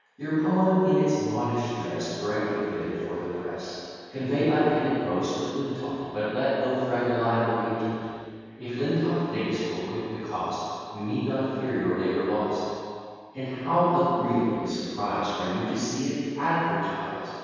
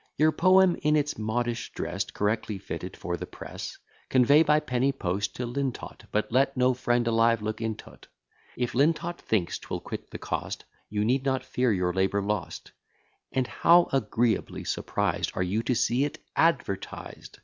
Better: second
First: room echo; dies away in 2.2 s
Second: none

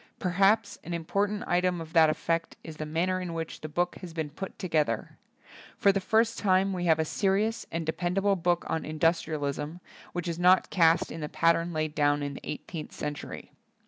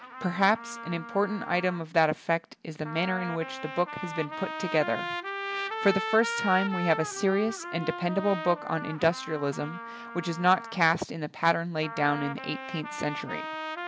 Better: first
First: none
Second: background sound (Trumpet); 8 dB below the speech

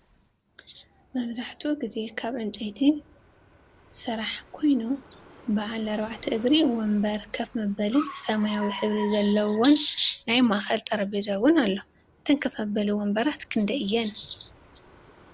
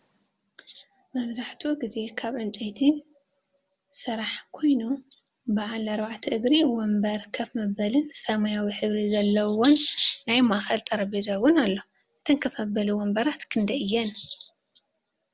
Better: second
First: background sound (Car); 20 dB below the speech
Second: none

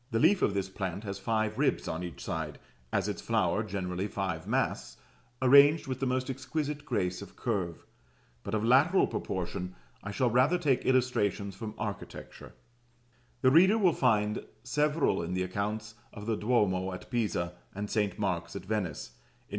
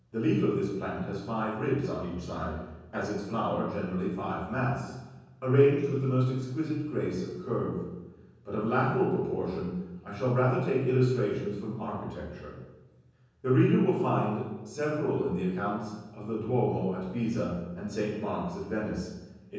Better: first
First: none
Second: room echo; dies away in 1.1 s

